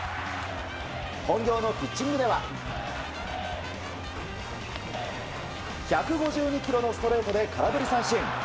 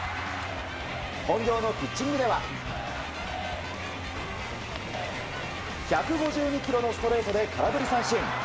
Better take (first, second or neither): first